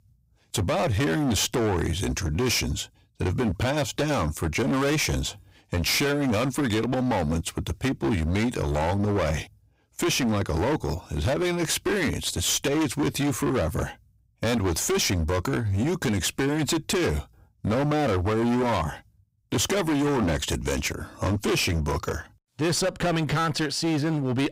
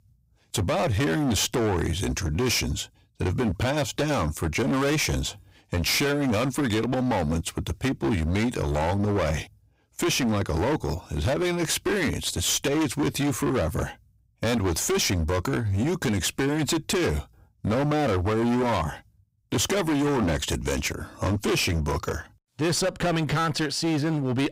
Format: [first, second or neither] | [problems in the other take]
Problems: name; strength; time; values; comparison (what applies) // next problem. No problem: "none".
neither | distortion; heavy; 25% of the sound clipped; the same in both